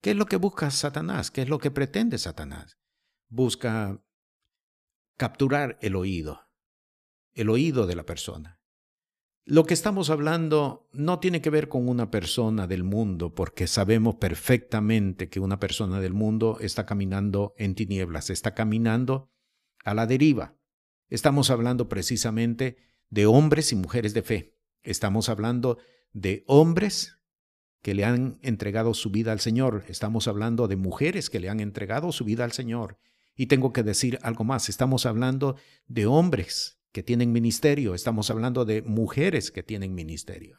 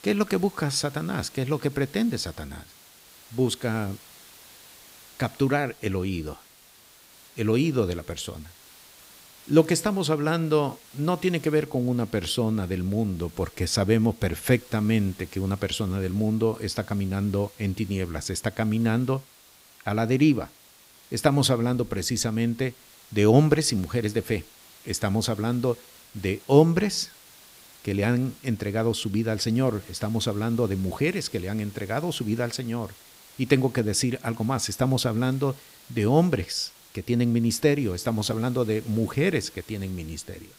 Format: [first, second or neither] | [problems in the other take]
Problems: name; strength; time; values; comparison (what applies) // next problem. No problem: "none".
first | hiss; faint; throughout; 25 dB below the speech